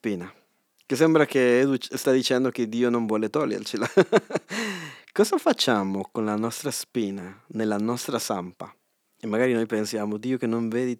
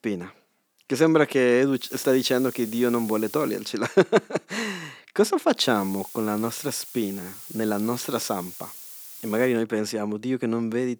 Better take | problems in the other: first | hiss; noticeable; from 2 to 3.5 s and from 5.5 to 9.5 s; 10 dB below the speech

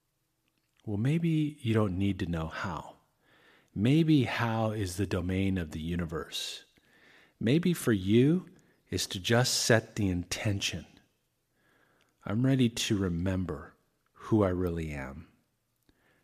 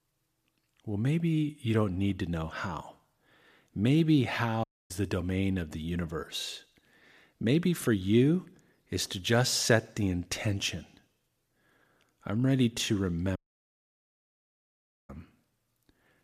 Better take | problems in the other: first | audio cutting out; at 4.5 s and at 13 s for 1.5 s

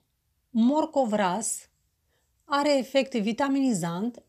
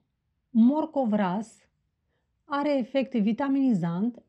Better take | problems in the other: first | muffled; slightly; fading above 3 kHz

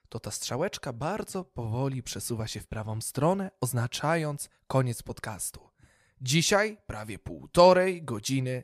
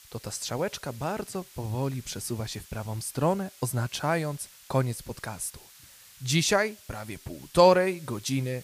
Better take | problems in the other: first | hiss; faint; throughout; 20 dB below the speech

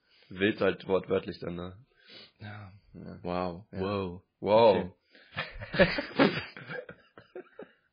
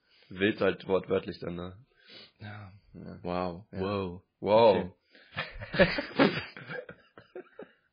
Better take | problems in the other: neither | garbled, watery; badly; nothing above 4.5 kHz; the same in both

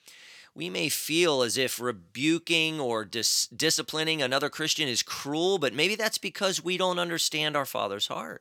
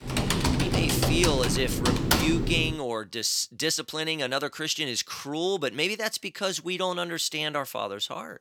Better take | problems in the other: first | keyboard typing; loud; until 2.5 s; peak 5 dB above the speech

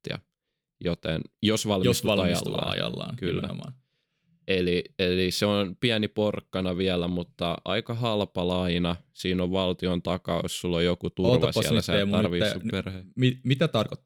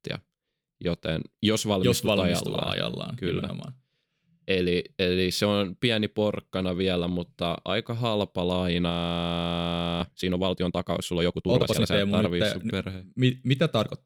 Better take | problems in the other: first | audio freezing; at 9 s for 1 s

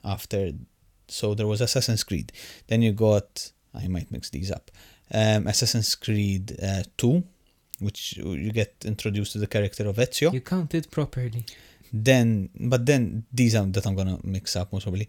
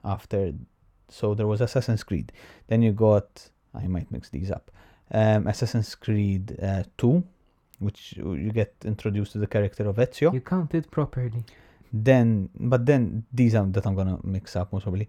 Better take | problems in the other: first | muffled; very; fading above 2.5 kHz

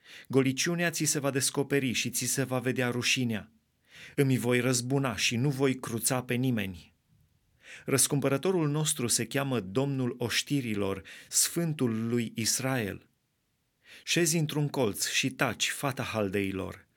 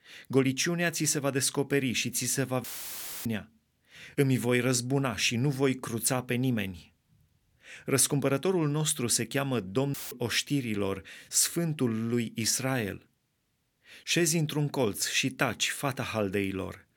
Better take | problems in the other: first | audio cutting out; filled with static; at 2.5 s for 0.5 s and at 10 s

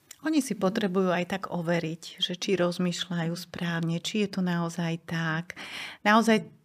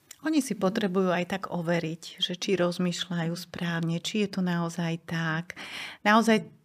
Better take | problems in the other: neither | none

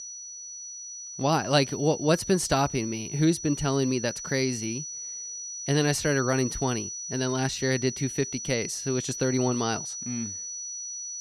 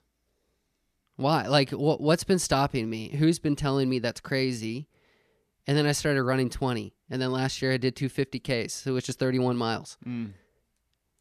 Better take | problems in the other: second | high-pitched whine; loud; throughout; 6 kHz, 7 dB below the speech

